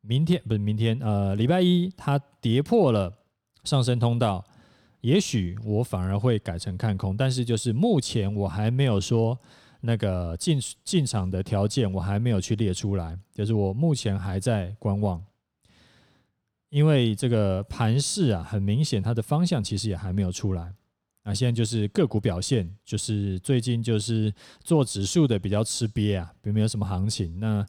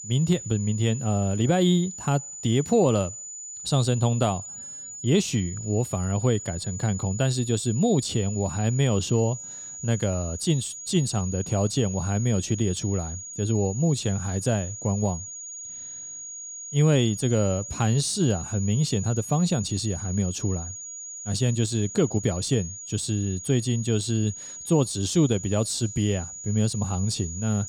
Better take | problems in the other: first | high-pitched whine; loud; throughout; 7 kHz, 10 dB below the speech

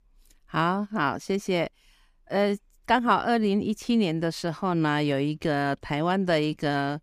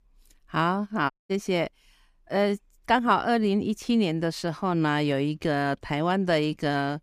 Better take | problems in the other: first | audio cutting out; at 1 s

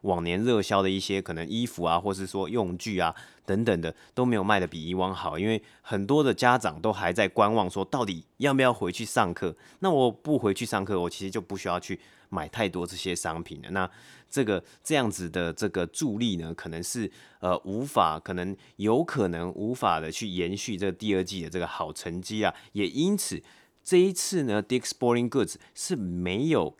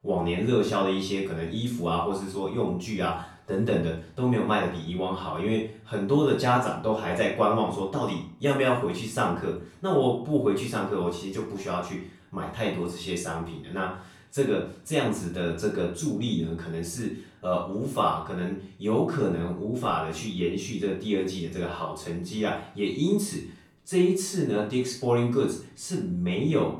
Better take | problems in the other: first | off-mic speech; far // room echo; noticeable; dies away in 0.4 s

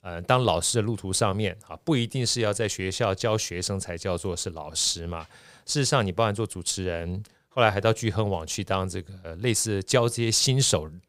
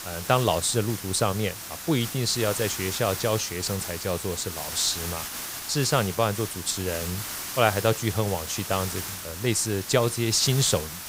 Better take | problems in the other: first | hiss; loud; throughout; 7 dB below the speech

